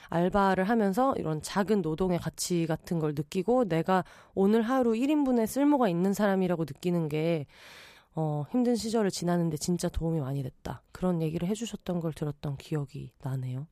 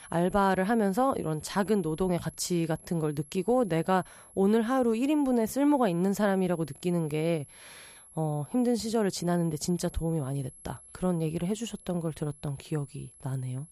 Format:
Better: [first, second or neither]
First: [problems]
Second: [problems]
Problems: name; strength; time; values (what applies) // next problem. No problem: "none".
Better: first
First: none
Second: high-pitched whine; faint; throughout; 11 kHz, 20 dB below the speech